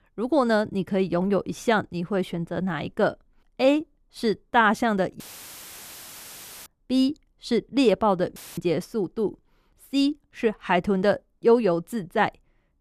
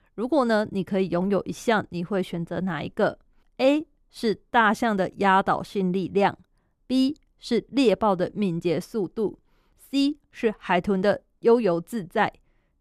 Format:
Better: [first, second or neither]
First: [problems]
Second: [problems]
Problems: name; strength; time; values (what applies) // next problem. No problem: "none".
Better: second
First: audio cutting out; filled with static; at 5 s for 1.5 s and at 8.5 s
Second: none